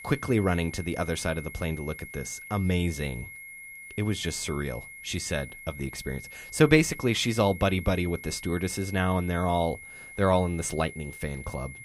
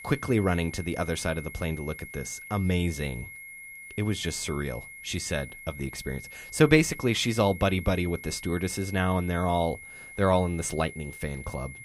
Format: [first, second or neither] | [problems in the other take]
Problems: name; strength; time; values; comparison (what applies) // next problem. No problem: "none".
neither | high-pitched whine; noticeable; throughout; 2 kHz, 15 dB below the speech; the same in both